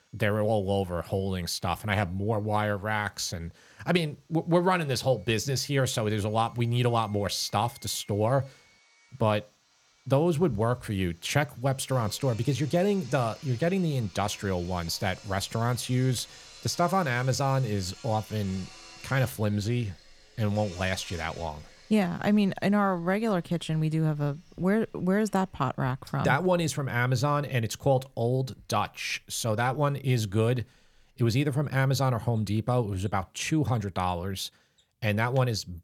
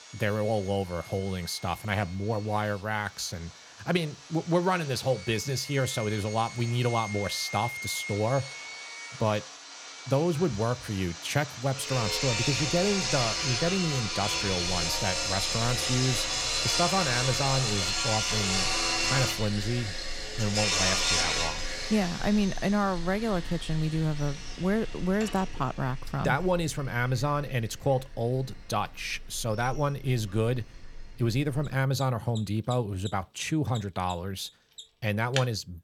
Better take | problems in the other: first | machinery noise; loud; throughout; as loud as the speech; faint in the first

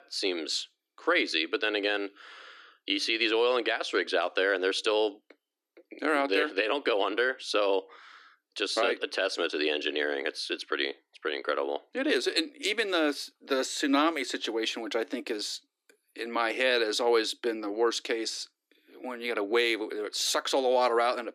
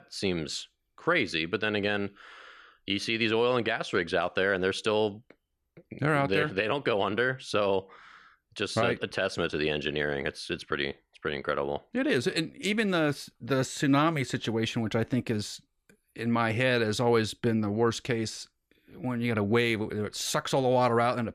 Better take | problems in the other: second | thin; somewhat; fading below 300 Hz

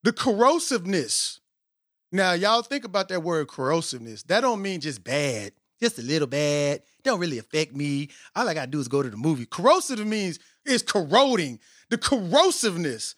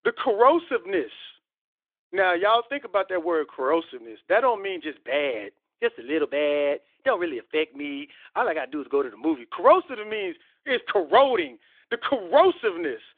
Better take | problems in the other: first | phone-call audio; nothing above 3.5 kHz

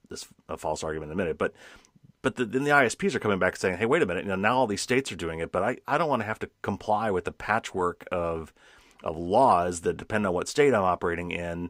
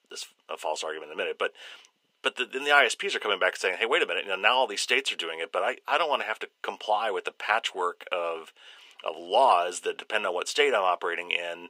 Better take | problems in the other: first | thin; very; fading below 450 Hz

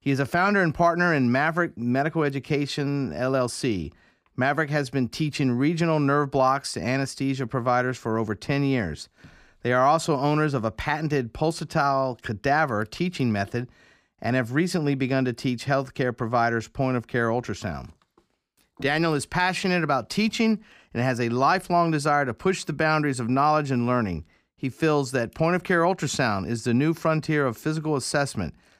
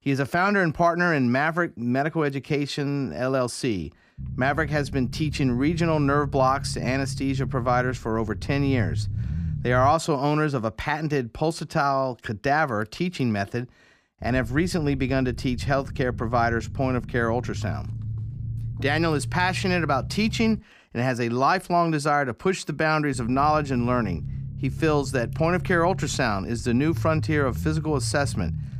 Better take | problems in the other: first | low rumble; faint; from 4 to 10 s, from 14 to 21 s and from 23 s on; 20 dB below the speech

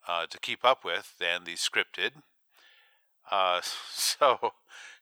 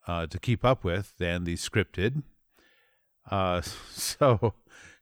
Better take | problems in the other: second | thin; very; fading below 800 Hz

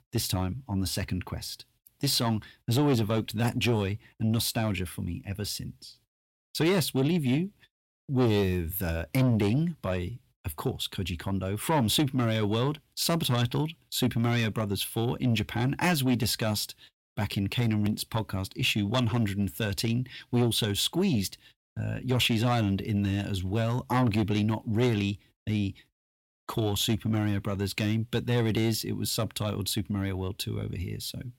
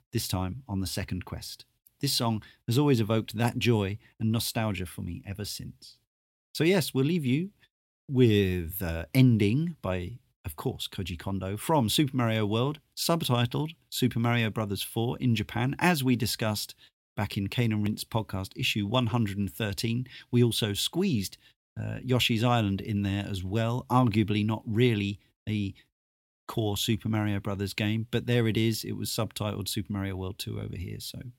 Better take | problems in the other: second | distortion; slight; 10 dB below the speech

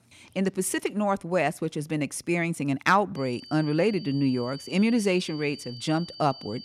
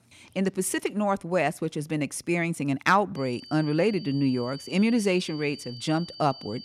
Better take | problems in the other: neither | high-pitched whine; noticeable; from 3 s on; 4.5 kHz, 15 dB below the speech; the same in both

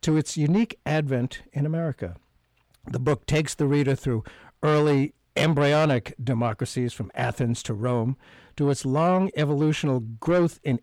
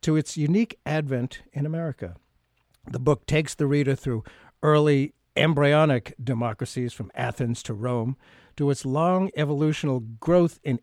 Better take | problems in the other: second | distortion; slight; 10 dB below the speech

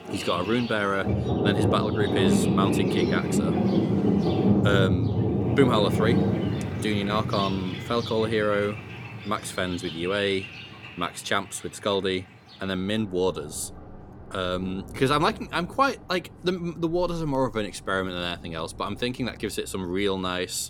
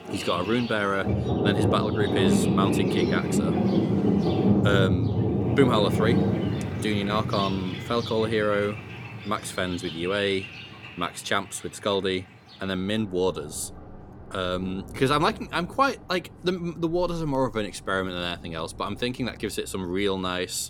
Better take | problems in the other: neither | rain or running water; very loud; throughout; 1 dB above the speech; the same in both

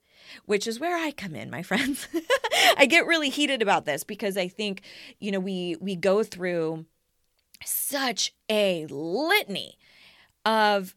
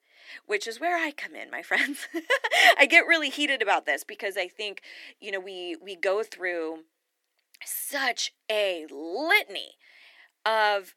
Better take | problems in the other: first | thin; somewhat; fading below 300 Hz

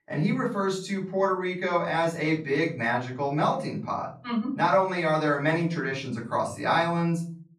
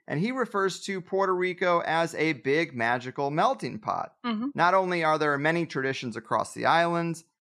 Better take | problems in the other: second | off-mic speech; far // room echo; slight; dies away in 0.4 s

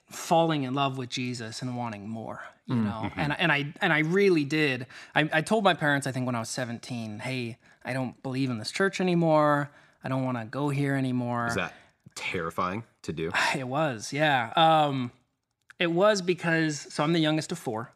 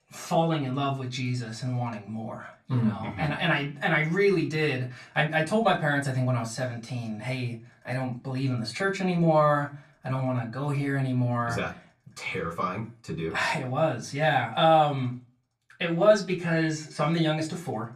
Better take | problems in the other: first | off-mic speech; far // room echo; very slight; dies away in 0.2 s

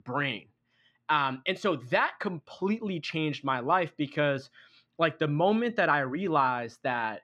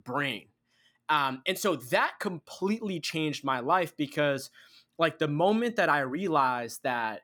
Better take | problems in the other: second | muffled; very slightly; fading above 3 kHz

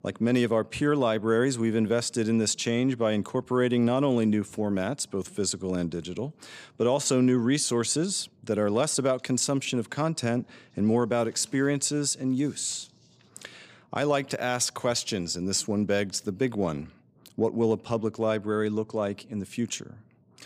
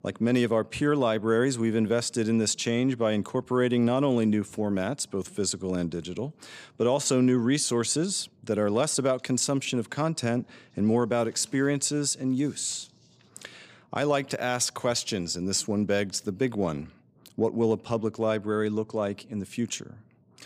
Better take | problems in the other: neither | none

